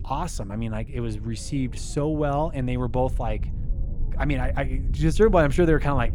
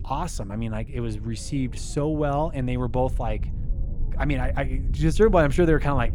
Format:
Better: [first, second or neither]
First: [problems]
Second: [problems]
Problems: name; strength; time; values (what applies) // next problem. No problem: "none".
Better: neither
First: low rumble; faint; throughout; 20 dB below the speech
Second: low rumble; faint; throughout; 20 dB below the speech